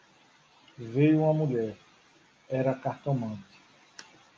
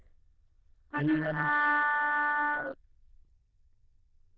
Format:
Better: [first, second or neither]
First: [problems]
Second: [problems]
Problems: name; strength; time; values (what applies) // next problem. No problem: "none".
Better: first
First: none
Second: noise reduction (neural diffusion model UNIVERSE++)